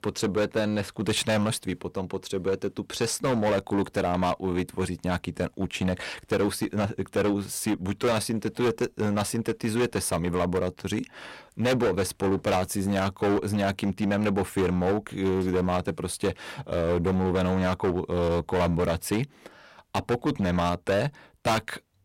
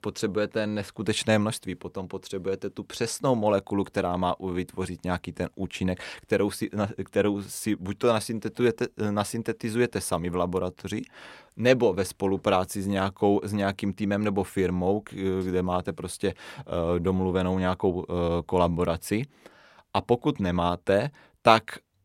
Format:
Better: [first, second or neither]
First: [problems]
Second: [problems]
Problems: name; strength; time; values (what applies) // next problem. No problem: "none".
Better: second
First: distortion; heavy; 13% of the sound clipped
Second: none